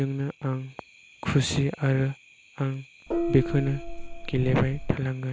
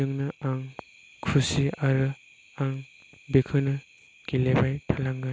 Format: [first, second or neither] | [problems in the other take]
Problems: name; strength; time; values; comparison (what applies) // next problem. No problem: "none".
second | background sound (Gong); 4 dB below the speech